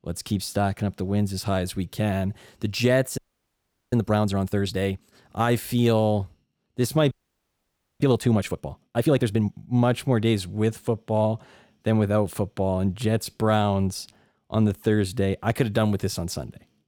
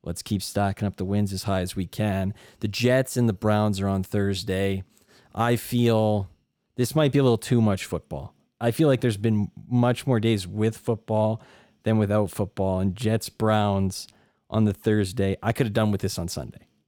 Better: second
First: audio freezing; at 3 s for 0.5 s and at 7 s for 1 s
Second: none

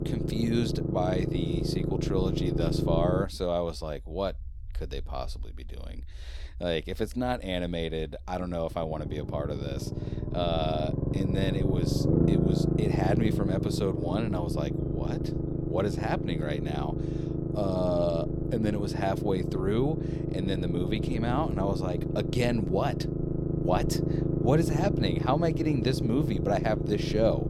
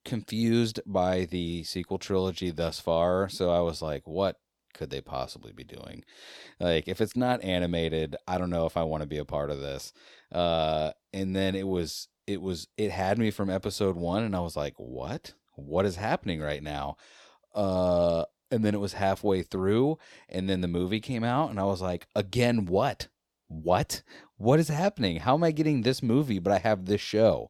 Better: second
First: low rumble; loud; throughout; 3 dB below the speech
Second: none

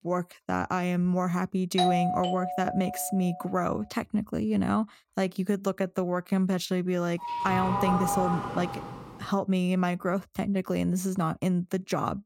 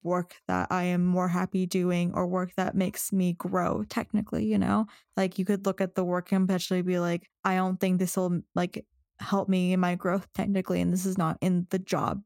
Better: second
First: doorbell; loud; from 2 to 3.5 s and from 7 to 9 s; peak 2 dB above the speech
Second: none

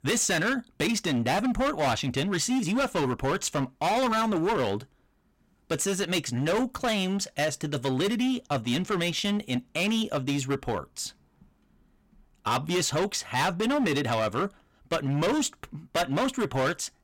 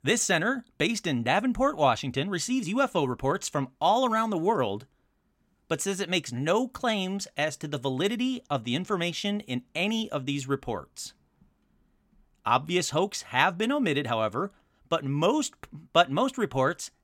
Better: second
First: distortion; heavy; 17% of the sound clipped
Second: none

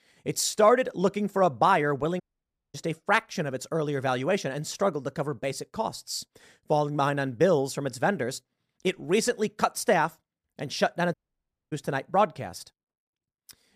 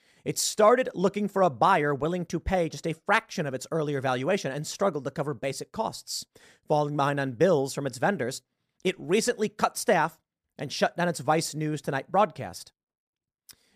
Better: second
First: audio cutting out; at 2 s for 0.5 s and at 11 s for 0.5 s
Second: none

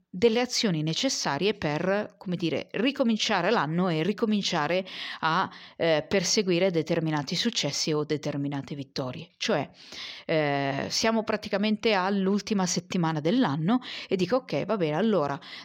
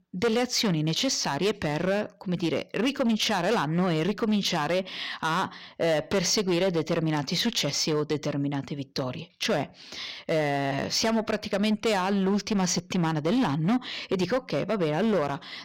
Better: first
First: none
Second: distortion; slight; 10% of the sound clipped

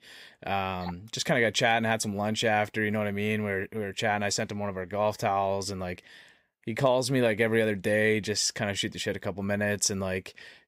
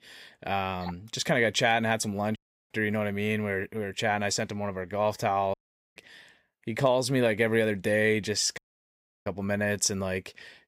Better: first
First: none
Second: audio cutting out; at 2.5 s, at 5.5 s and at 8.5 s for 0.5 s

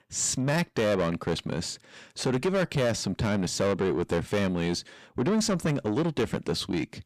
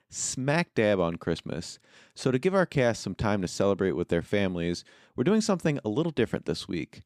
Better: second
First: distortion; heavy; 7 dB below the speech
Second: none

